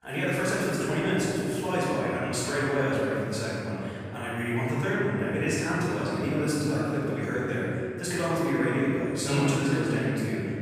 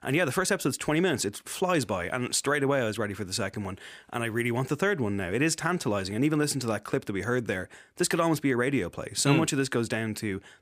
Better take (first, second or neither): second